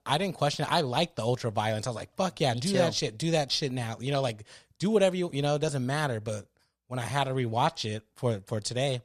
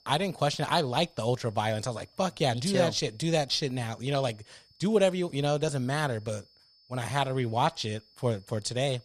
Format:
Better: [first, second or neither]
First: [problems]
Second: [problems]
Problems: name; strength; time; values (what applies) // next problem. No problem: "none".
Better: first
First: none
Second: high-pitched whine; faint; throughout; 5 kHz, 30 dB below the speech